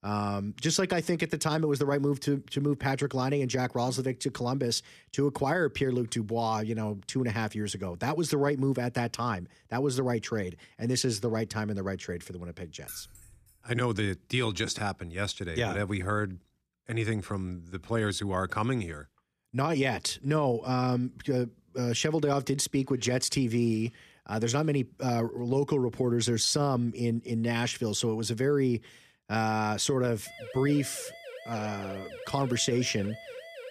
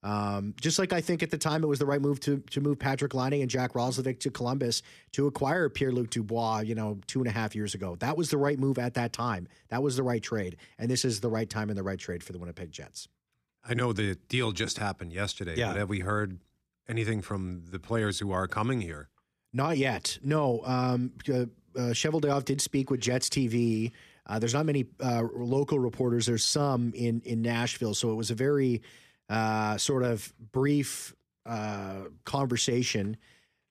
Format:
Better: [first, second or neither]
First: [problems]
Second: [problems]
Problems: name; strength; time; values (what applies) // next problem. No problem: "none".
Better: second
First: jangling keys; faint; at 13 s; peak 15 dB below the speech // siren; faint; from 30 s on; peak 15 dB below the speech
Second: none